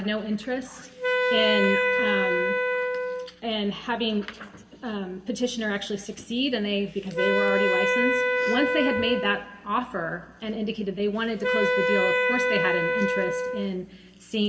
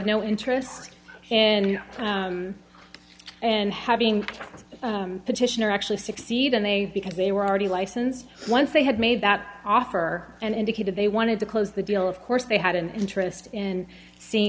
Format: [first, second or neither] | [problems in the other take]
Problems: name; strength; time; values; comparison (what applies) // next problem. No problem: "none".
second | background sound (Wind instrument, woodwind instrument); 3 dB above the speech // room echo; dies away in 2.1 s